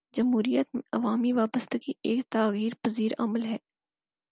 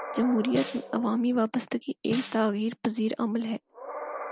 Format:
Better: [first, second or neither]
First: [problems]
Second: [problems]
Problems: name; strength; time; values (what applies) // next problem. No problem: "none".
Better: first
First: none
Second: background sound (Animal + Snare drum); 12 dB below the speech